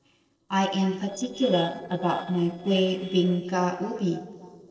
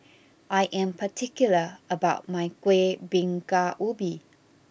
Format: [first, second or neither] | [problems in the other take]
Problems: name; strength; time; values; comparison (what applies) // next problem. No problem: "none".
second | noise reduction (neural separator model SepFormer DNS4)